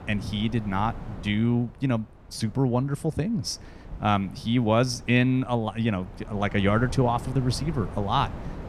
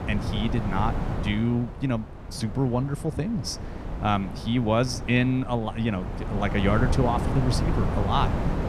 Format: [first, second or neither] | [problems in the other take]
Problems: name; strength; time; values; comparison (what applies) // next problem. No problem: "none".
first | wind noise on the microphone; heavy; 7 dB below the speech; occasional gusts in the first